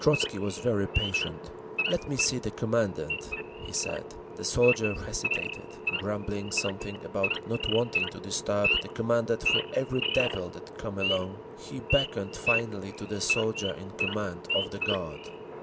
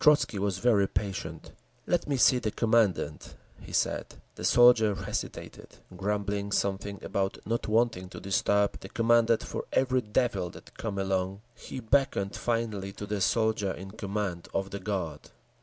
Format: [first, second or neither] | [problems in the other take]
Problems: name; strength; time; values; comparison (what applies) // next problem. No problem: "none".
second | background sound (Idling / Wild animals); 3 dB below the speech